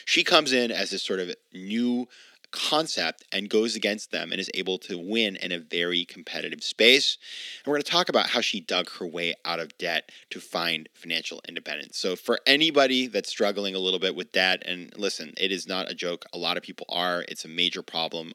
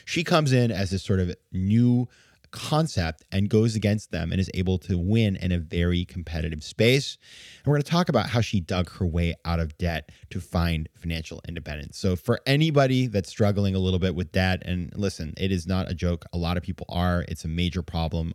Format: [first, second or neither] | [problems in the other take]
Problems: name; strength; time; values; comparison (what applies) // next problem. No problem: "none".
second | thin; somewhat; fading below 250 Hz